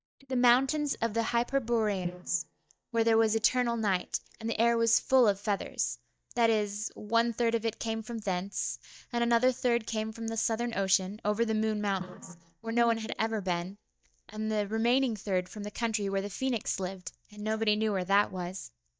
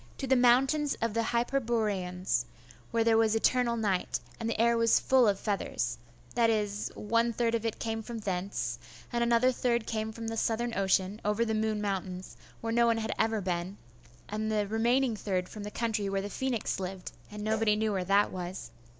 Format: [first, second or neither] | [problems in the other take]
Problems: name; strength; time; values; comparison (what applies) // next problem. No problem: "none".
second | noise reduction (neural mask model DeepFilterNet 3)